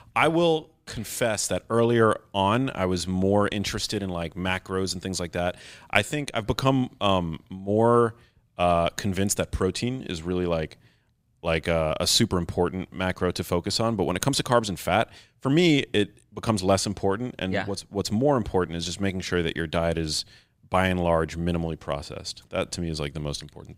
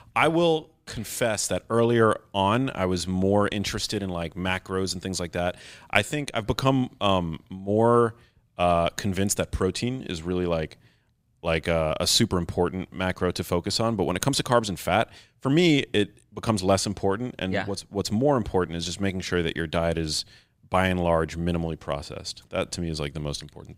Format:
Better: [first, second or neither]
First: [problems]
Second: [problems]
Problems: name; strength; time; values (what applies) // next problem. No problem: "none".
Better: neither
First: none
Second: none